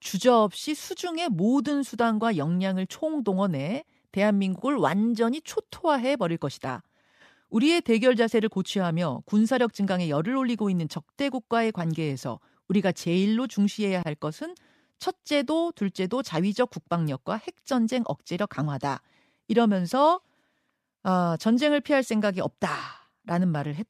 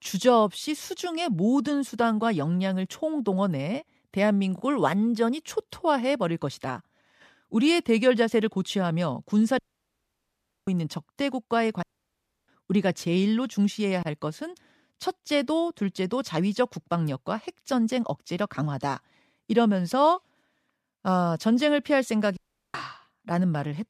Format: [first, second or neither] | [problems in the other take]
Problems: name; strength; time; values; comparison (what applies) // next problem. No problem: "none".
first | audio cutting out; at 9.5 s for 1 s, at 12 s for 0.5 s and at 22 s